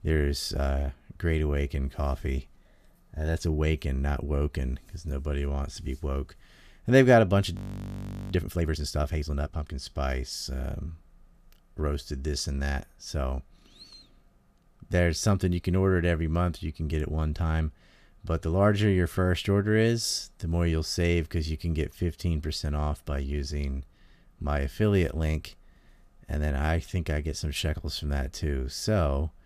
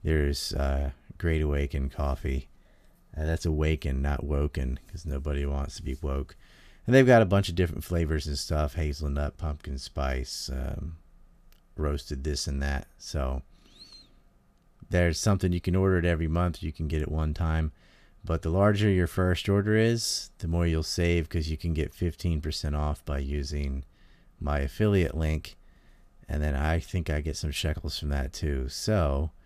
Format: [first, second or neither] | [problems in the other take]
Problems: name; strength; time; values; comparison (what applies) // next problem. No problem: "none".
second | audio freezing; at 7.5 s for 1 s